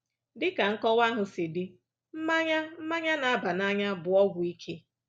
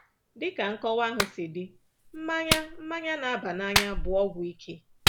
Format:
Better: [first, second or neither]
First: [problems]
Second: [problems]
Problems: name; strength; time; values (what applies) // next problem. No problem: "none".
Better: first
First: none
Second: background sound (Clapping); 1 dB below the speech